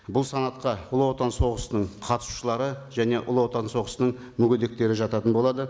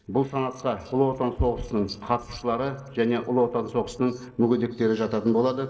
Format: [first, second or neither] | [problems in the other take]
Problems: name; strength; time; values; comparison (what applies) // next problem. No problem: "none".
first | noise reduction (neural separator model SepFormer DNS4)